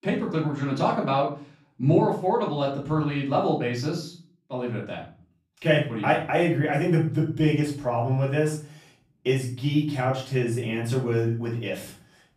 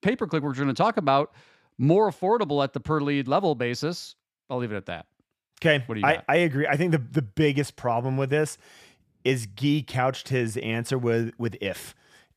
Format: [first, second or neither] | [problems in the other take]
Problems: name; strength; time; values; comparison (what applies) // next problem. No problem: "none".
second | off-mic speech; far // room echo; slight; dies away in 0.4 s